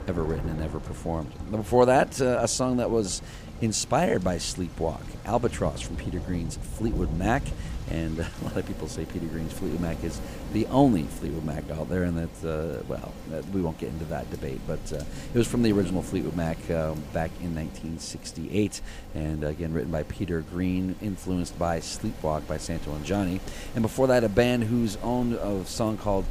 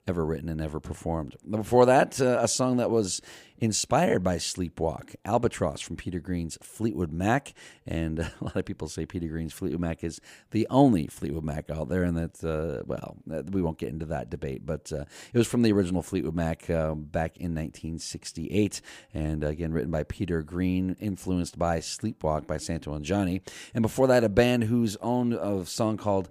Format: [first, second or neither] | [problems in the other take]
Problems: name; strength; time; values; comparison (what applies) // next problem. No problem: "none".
second | rain or running water; noticeable; throughout; 10 dB below the speech